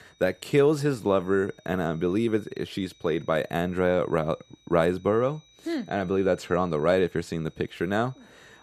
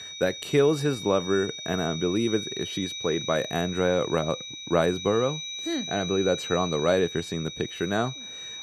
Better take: first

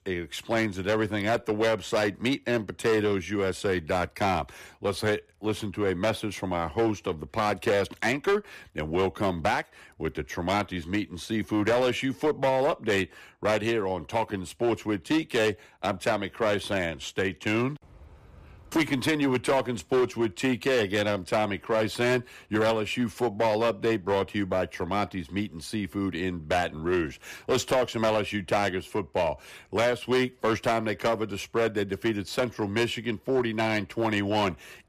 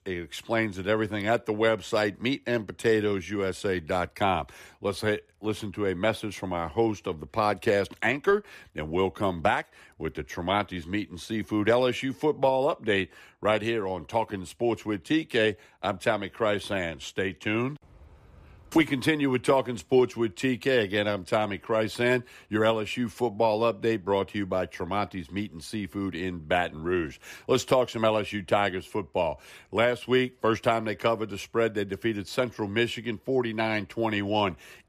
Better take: second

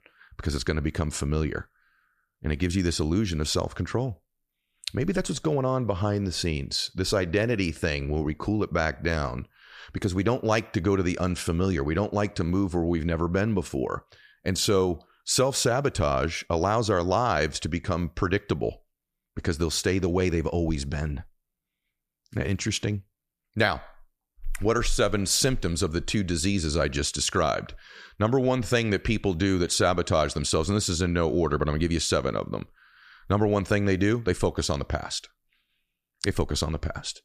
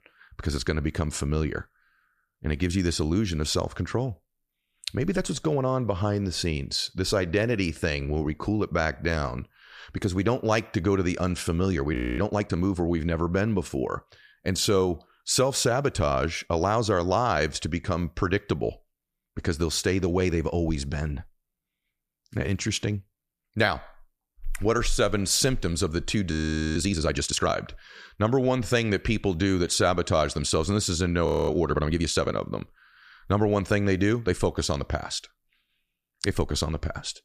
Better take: first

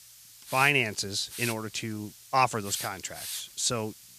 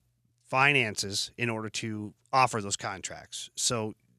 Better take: second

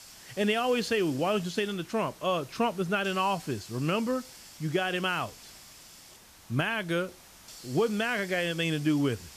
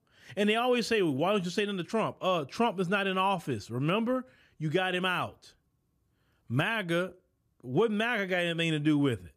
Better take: second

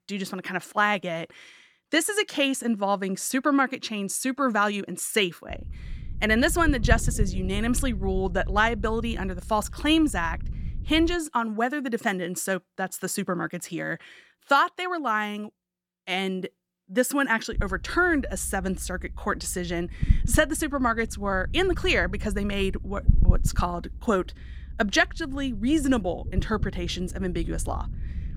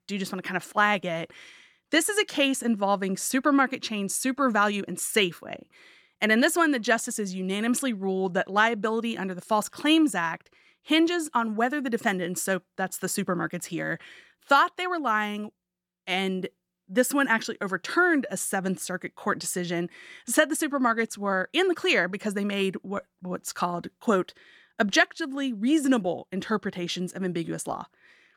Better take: second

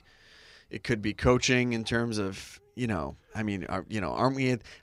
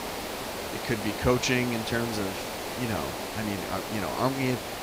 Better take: first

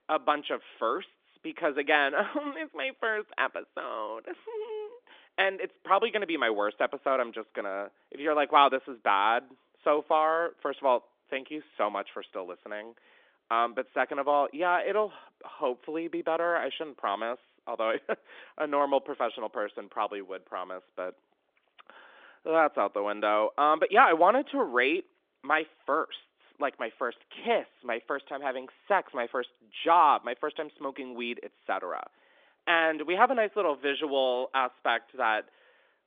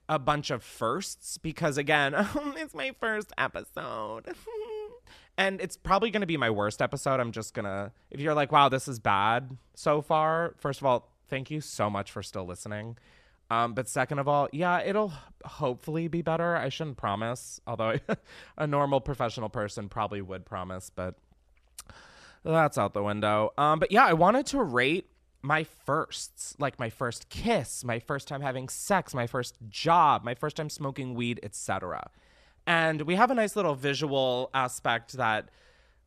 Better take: second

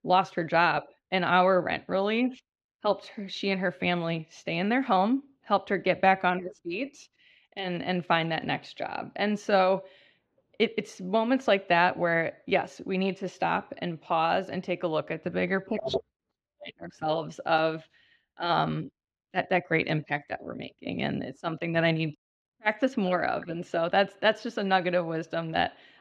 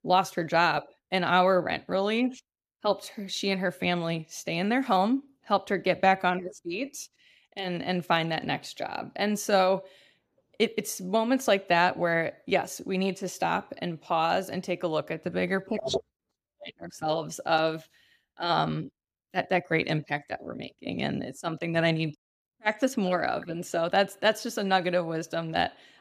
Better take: second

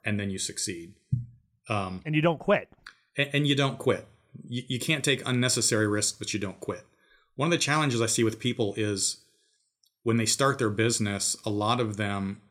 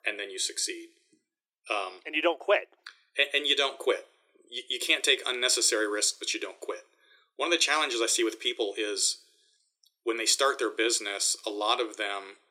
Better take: first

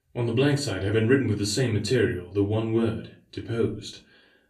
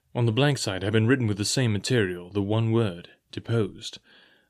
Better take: second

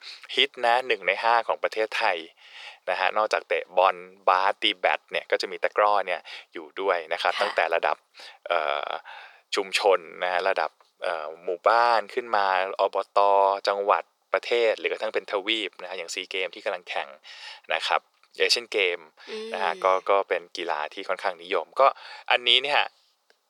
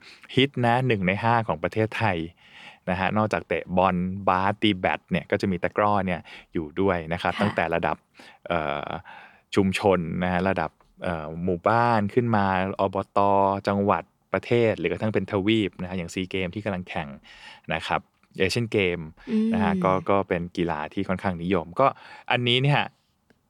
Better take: second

